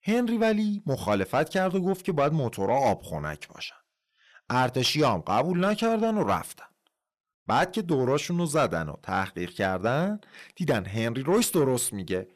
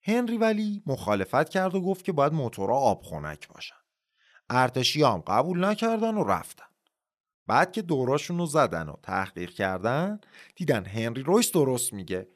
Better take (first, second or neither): second